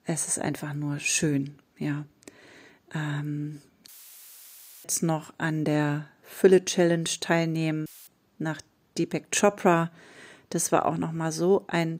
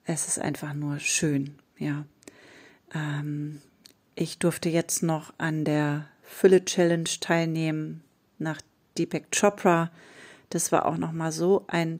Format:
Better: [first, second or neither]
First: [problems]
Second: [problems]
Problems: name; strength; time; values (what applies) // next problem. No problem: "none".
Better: second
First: audio cutting out; filled with static; at 4 s for 1 s and at 8 s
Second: none